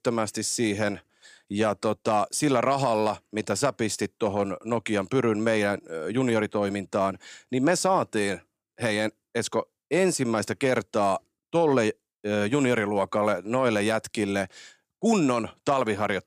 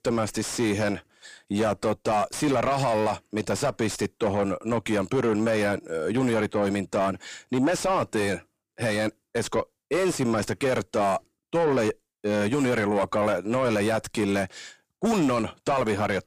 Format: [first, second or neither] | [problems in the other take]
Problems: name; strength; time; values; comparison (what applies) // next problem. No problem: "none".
first | distortion; heavy; 7 dB below the speech